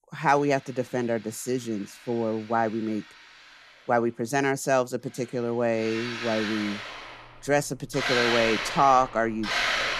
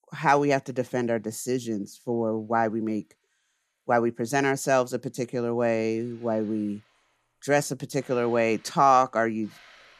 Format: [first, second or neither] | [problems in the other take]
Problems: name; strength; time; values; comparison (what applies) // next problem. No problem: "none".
second | machinery noise; loud; throughout; 2 dB below the speech; faint in the second